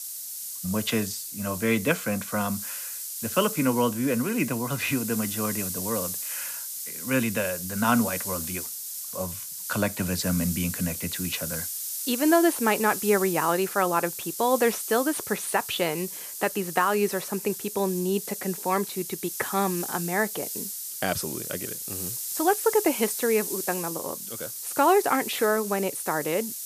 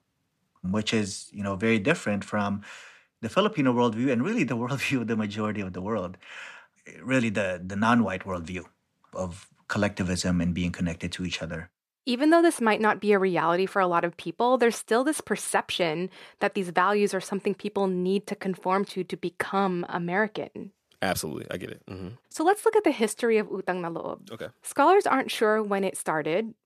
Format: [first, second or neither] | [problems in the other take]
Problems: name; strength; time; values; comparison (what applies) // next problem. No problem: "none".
second | hiss; loud; throughout; 5 dB below the speech